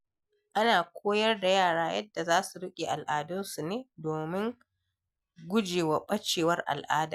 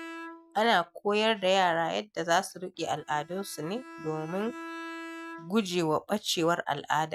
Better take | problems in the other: first | noise reduction (neural mask model RNNoise)

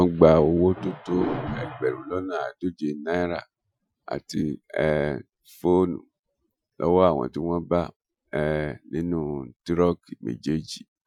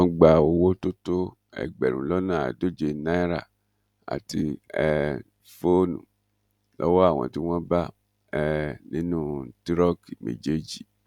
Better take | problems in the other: second | noise reduction (classical method Wiener filter)

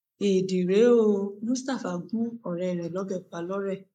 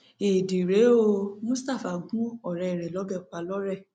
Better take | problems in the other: second | noise reduction (neural mask model Resemble Enhance denoiser)

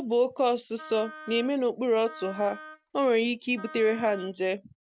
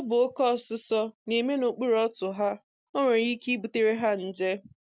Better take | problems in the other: second | background sound (Wind instrument, woodwind instrument); 18 dB below the speech

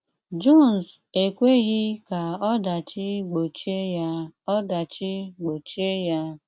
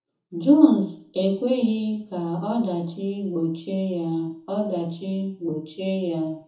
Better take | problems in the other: first | room echo; dies away in 0.6 s

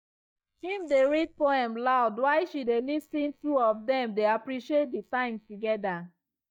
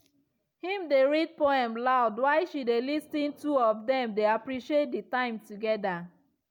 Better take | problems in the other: second | noise reduction (neural mask model DeepFilterNet 3)

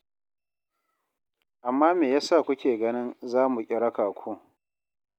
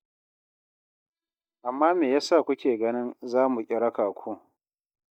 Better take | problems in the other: first | noise reduction (neural mask model DeepFilterNet 3)

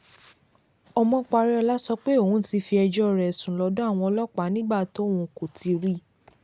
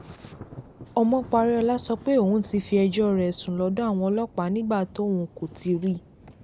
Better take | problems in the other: first | background sound (Thunder); 20 dB below the speech

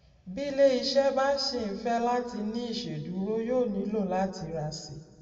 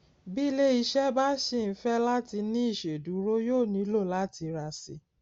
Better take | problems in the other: second | room echo; dies away in 1.3 s

